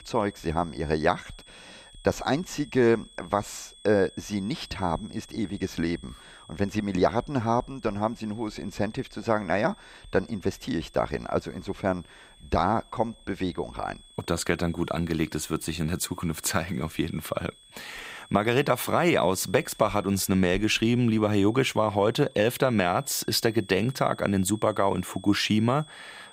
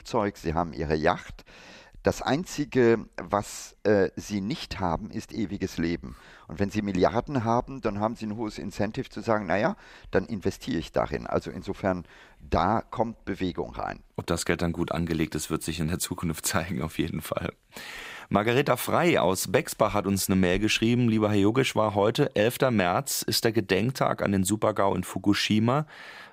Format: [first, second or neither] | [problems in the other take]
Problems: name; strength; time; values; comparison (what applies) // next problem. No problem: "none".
second | high-pitched whine; faint; throughout; 3.5 kHz, 25 dB below the speech